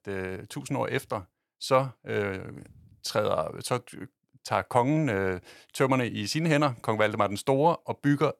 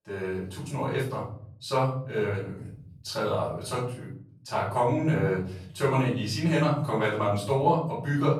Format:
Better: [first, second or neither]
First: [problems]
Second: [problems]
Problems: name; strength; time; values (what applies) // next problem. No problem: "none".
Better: first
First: none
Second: off-mic speech; far // room echo; noticeable; dies away in 1 s